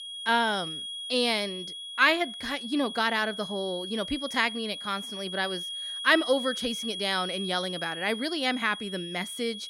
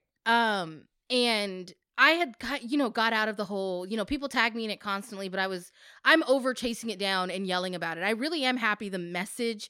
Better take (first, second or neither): second